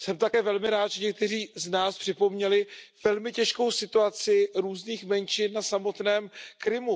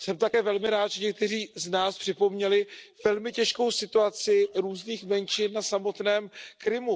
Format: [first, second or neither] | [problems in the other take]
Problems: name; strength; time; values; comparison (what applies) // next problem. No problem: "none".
first | noise reduction (neural separator model SepFormer DNS4)